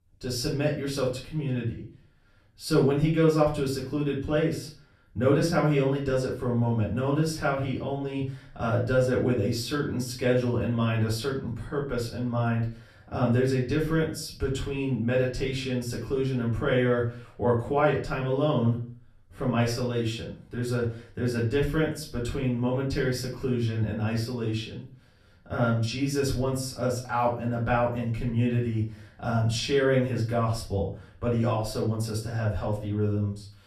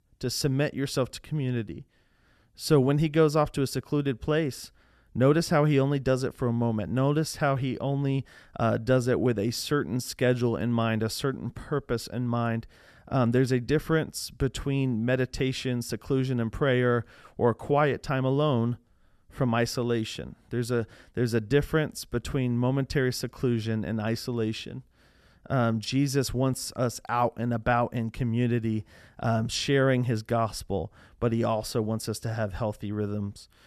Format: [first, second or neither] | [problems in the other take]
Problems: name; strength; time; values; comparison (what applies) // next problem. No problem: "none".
second | off-mic speech; far // room echo; slight; dies away in 0.4 s